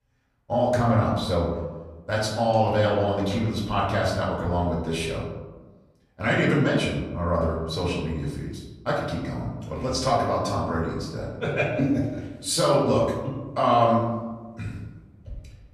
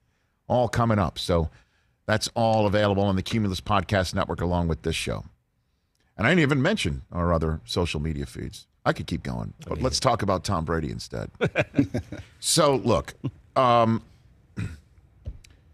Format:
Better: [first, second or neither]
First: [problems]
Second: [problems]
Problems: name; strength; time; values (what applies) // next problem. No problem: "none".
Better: second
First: room echo; noticeable; dies away in 1 s // off-mic speech; far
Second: none